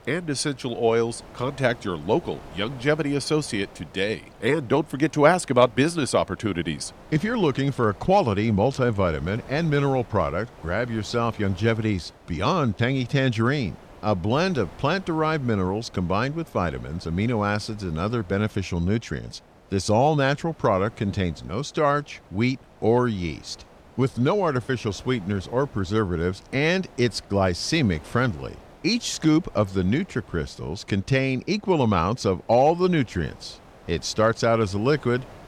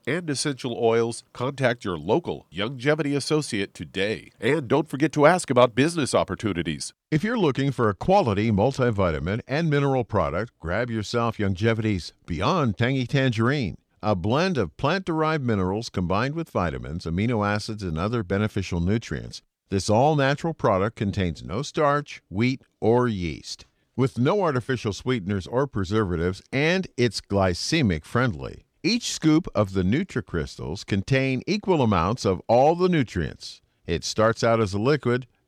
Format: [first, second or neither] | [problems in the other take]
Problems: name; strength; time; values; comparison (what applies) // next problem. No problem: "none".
second | wind noise on the microphone; occasional gusts; 25 dB below the speech